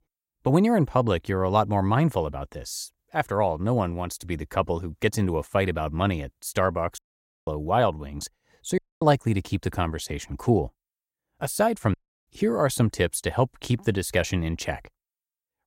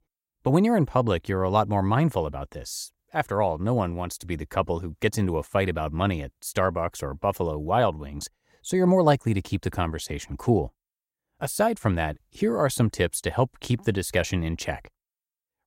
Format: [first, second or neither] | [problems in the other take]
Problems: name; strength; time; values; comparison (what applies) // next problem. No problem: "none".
second | audio cutting out; at 7 s, at 9 s and at 12 s